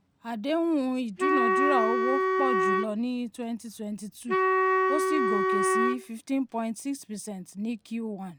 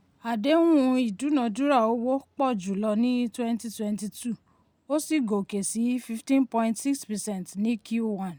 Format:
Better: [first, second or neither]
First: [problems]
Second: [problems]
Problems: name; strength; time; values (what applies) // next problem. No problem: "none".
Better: second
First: background sound (Wind instrument, woodwind instrument); 5 dB above the speech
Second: none